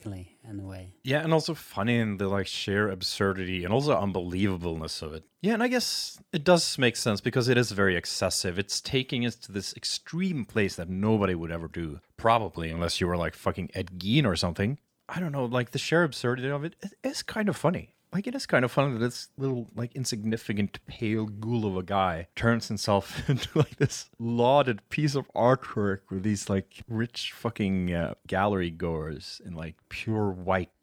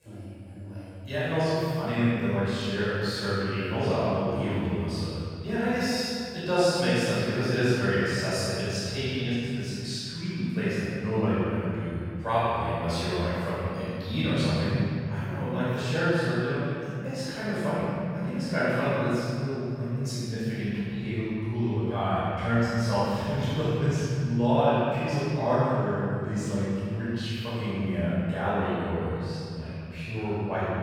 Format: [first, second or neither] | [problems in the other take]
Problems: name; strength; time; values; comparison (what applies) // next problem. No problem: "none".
first | room echo; strong; dies away in 2.6 s // off-mic speech; far